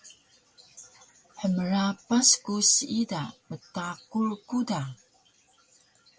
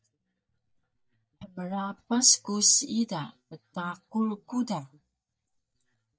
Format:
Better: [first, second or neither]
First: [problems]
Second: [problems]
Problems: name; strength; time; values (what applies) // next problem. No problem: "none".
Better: first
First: none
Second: noise reduction (neural mask model DeepFilterNet 3)